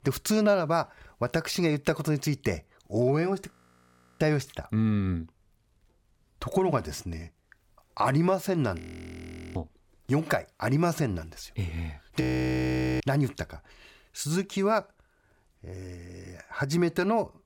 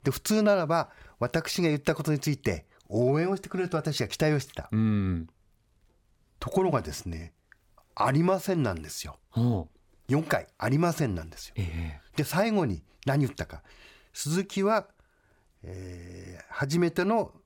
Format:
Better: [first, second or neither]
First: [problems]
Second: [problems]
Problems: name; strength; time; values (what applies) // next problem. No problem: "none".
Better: second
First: audio freezing; at 3.5 s for 0.5 s, at 9 s for 1 s and at 12 s for 1 s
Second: none